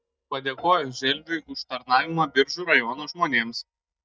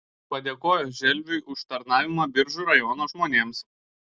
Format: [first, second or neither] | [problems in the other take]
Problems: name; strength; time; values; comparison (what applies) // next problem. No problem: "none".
second | noise reduction (neural mask model DeepFilterNet 3)